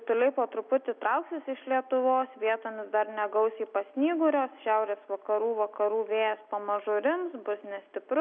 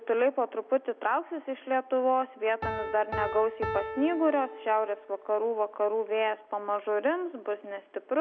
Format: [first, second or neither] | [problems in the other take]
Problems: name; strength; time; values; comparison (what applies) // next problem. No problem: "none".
first | background sound (Piano); 12 dB below the speech